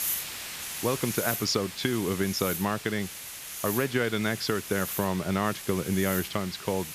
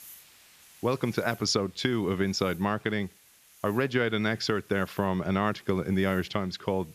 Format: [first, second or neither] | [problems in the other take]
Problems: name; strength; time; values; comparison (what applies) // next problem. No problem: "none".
second | hiss; loud; throughout; 6 dB below the speech; faint in the second